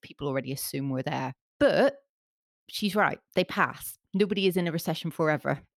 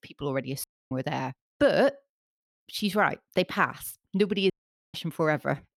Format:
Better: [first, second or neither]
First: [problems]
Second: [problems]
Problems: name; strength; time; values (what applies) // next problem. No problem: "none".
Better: first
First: none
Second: audio cutting out; at 0.5 s and at 4.5 s